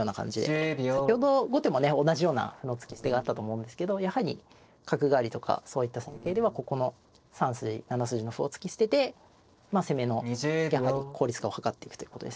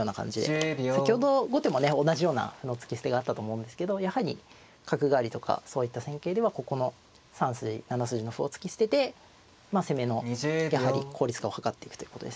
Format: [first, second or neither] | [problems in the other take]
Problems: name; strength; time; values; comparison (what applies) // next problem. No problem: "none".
second | noise reduction (neural separator model SepFormer DNS4)